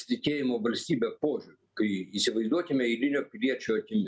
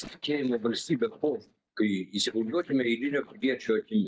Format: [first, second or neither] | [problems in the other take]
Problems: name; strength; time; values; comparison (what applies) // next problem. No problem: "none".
first | noise reduction (neural mask model DeepFilterNet 3)